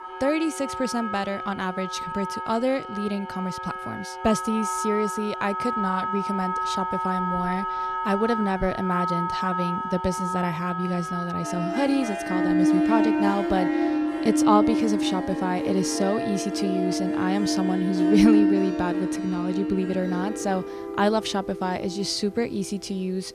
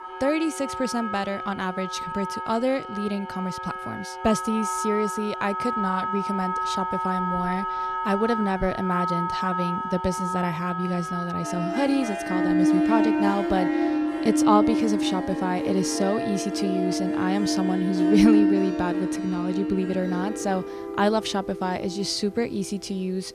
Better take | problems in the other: neither | background music; very loud; throughout; as loud as the speech; the same in both

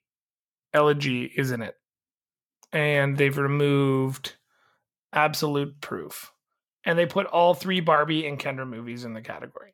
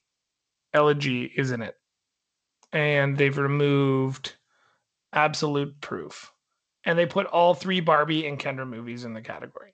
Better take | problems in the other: first | garbled, watery; slightly; nothing above 7.5 kHz

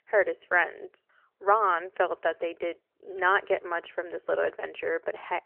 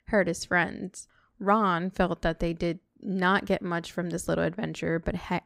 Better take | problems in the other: second | phone-call audio; nothing above 3 kHz

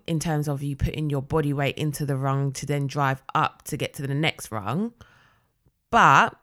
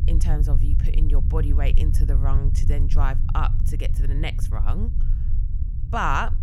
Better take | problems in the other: first | low rumble; noticeable; throughout; 10 dB below the speech

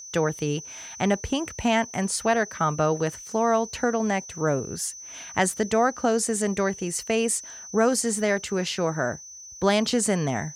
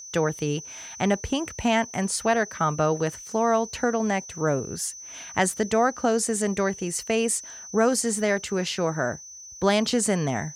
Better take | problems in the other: neither | high-pitched whine; noticeable; throughout; 6 kHz, 15 dB below the speech; the same in both

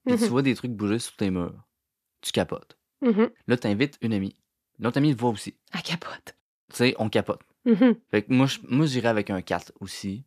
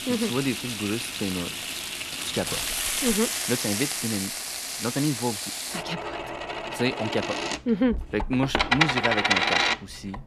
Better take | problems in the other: first | household noises; very loud; throughout; 2 dB above the speech

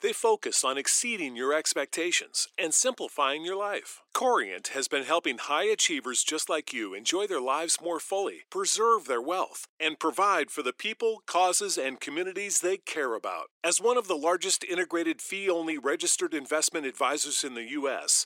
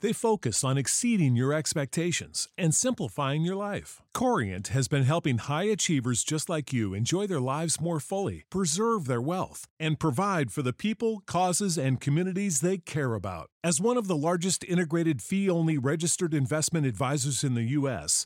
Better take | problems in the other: second | thin; very; fading below 350 Hz

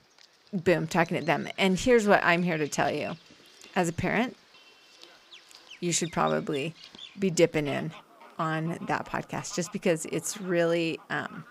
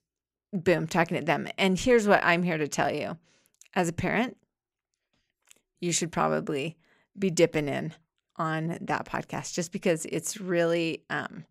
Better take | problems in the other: second | animal sounds; faint; throughout; 20 dB below the speech

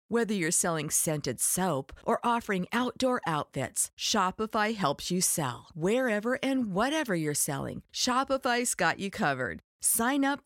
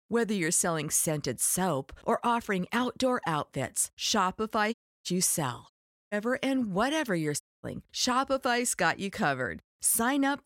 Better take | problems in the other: first | audio cutting out; at 4.5 s, at 5.5 s and at 7.5 s

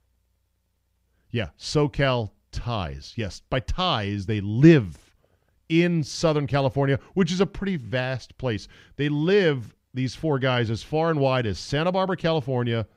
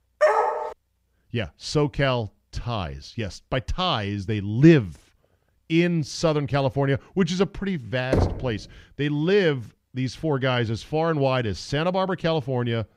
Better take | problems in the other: first | dog barking; loud; at the start; peak 4 dB above the speech // door banging; noticeable; at 8 s; peak level with the speech

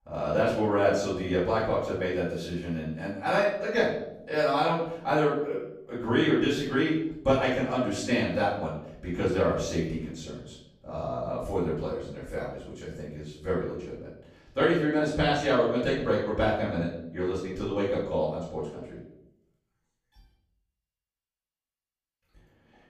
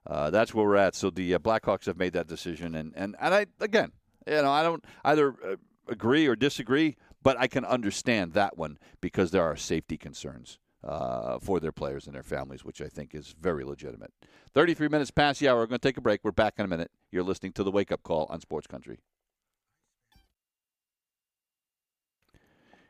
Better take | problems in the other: second | off-mic speech; far // room echo; noticeable; dies away in 0.7 s

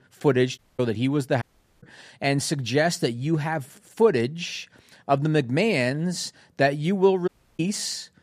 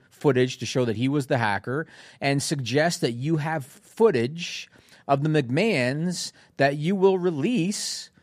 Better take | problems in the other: second | audio cutting out; at 0.5 s, at 1.5 s and at 7.5 s

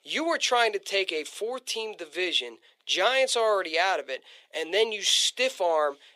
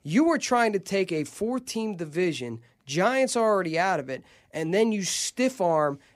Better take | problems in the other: second | thin; very; fading below 450 Hz

